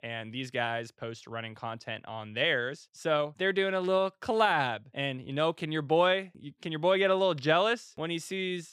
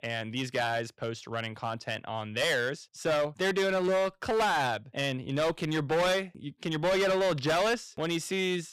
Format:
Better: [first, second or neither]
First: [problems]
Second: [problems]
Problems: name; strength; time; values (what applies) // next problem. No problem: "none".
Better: first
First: none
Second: distortion; heavy; 14% of the sound clipped